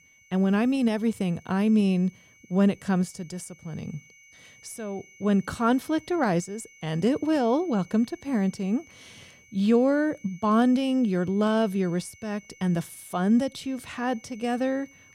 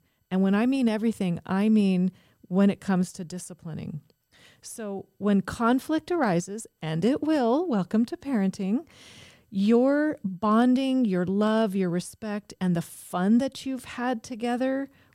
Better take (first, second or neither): second